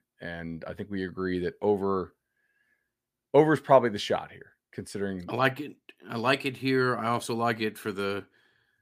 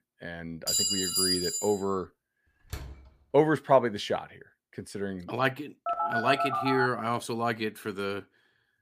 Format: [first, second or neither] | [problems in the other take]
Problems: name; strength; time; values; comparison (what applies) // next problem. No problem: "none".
first | clattering dishes; loud; from 0.5 to 1.5 s; peak 5 dB above the speech // door banging; faint; at 2.5 s; peak 15 dB below the speech // phone ringing; loud; from 6 to 7 s; peak 1 dB above the speech